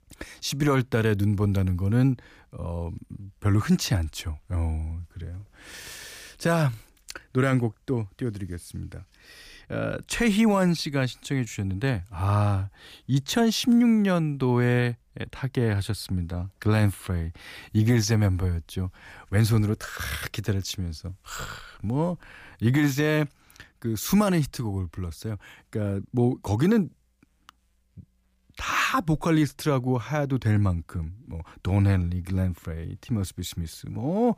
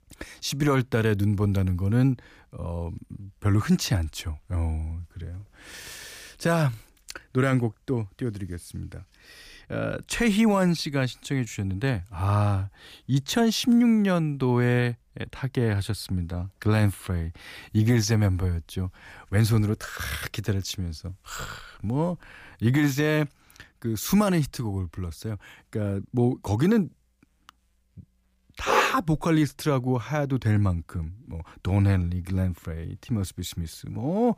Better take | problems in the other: first | dog barking; loud; at 29 s; peak level with the speech

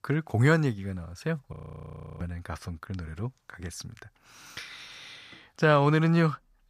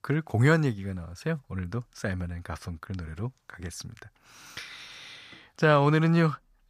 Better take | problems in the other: second | audio freezing; at 1.5 s for 0.5 s

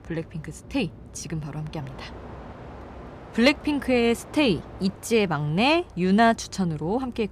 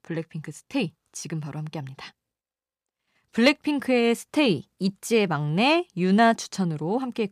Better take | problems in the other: second | train or aircraft noise; noticeable; throughout; 20 dB below the speech

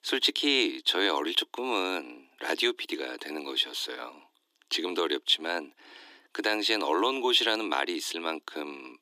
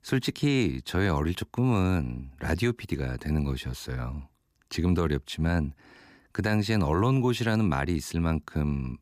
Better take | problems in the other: second | thin; very; fading below 300 Hz

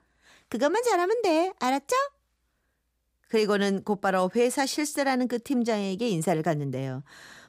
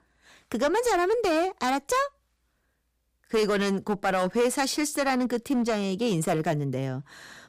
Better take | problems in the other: first | distortion; slight; 7% of the sound clipped

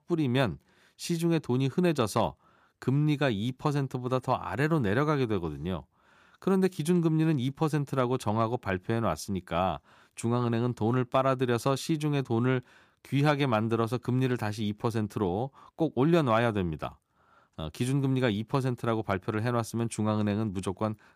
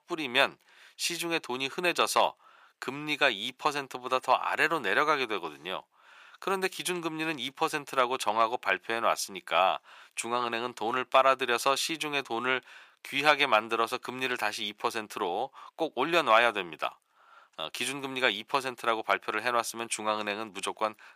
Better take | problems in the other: first | thin; very; fading below 700 Hz

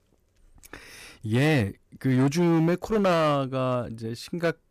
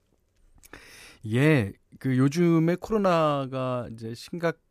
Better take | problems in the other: second | distortion; slight; 9% of the sound clipped

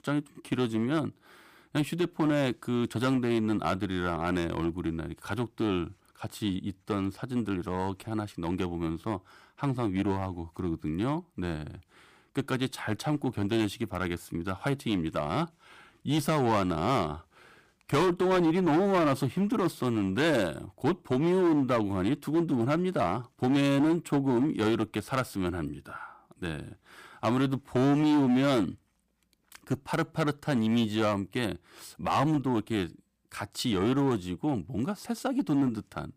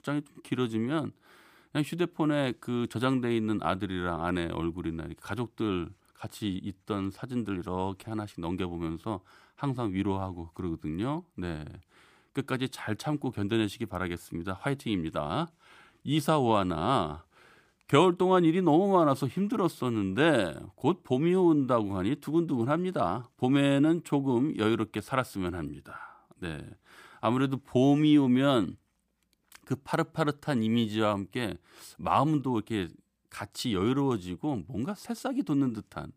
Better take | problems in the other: second | distortion; slight; 7% of the sound clipped

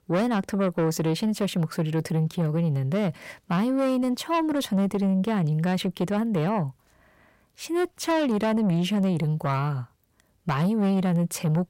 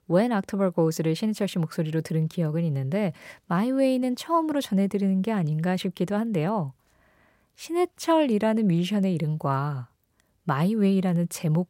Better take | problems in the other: second | distortion; slight; 10 dB below the speech

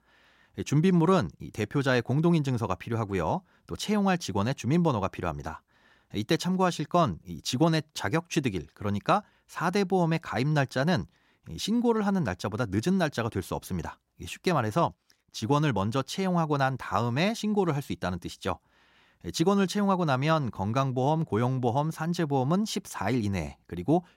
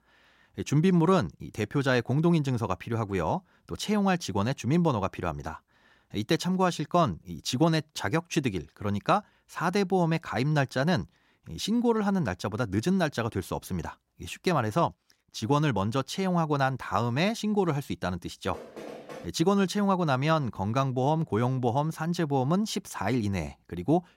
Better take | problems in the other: first | door banging; faint; at 19 s; peak 15 dB below the speech

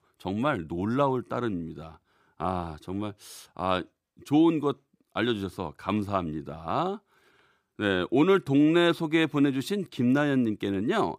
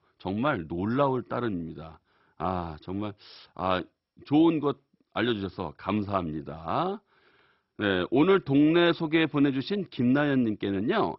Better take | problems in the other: first | garbled, watery; badly; nothing above 5.5 kHz

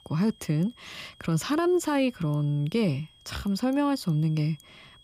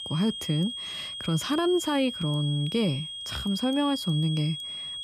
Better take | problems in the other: first | high-pitched whine; loud; throughout; 3.5 kHz, 6 dB below the speech; faint in the first

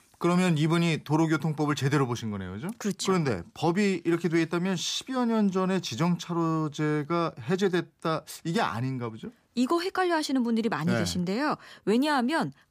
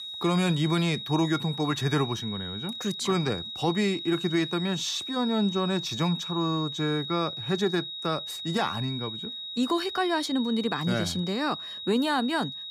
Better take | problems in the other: first | high-pitched whine; loud; throughout; 4 kHz, 6 dB below the speech

